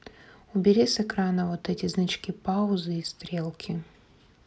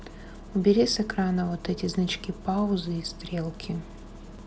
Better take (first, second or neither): first